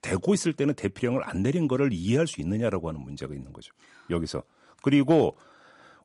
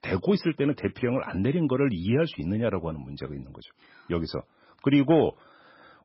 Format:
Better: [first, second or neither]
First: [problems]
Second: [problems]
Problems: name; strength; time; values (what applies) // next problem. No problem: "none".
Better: first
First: garbled, watery; slightly; nothing above 11 kHz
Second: garbled, watery; badly; nothing above 5.5 kHz